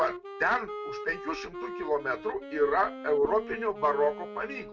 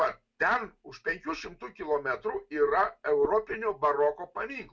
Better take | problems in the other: second | background sound (Wind instrument, woodwind instrument); 11 dB below the speech

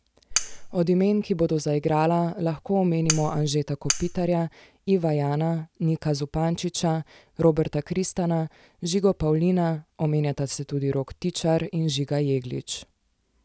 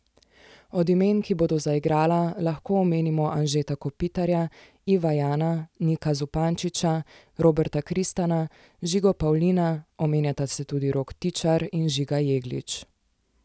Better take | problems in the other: second | background sound (Cutlery, silverware); 4 dB below the speech

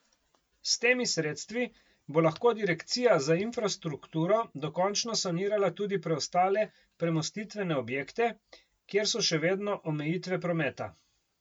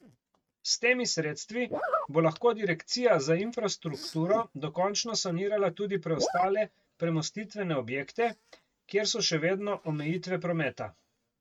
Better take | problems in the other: first | noise reduction (neural mask model RNNoise)

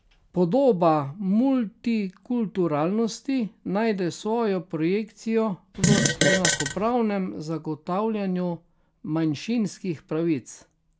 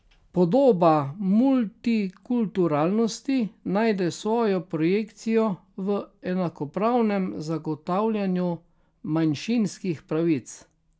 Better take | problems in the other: second | background sound (Fart); 3 dB above the speech

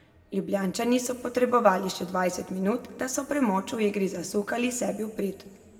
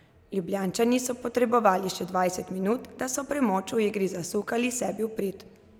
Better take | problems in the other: second | room echo; dies away in 1.5 s

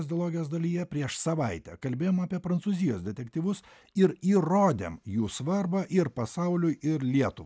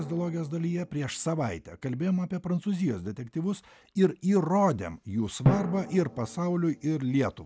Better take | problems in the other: first | background sound (Drum); 9 dB below the speech

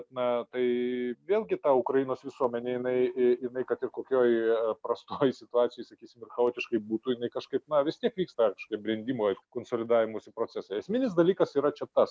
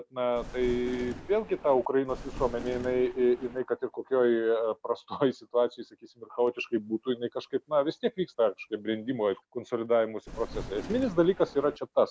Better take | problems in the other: first | background sound (Thunder); 12 dB below the speech

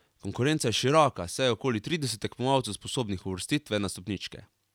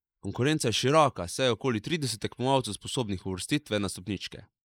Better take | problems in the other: first | noise reduction (neural mask model Resemble Enhance denoiser)

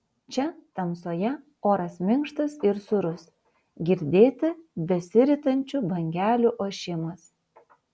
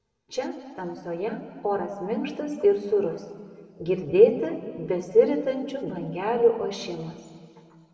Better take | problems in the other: first | room echo; dies away in 1.9 s

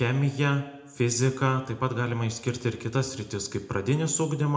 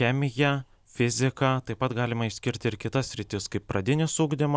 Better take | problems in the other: second | room echo; dies away in 0.6 s

